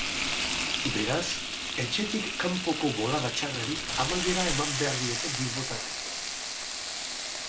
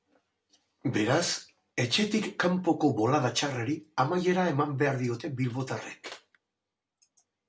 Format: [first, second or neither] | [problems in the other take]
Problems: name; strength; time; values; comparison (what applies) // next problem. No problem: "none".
second | background sound (Frying (food)); 1 dB above the speech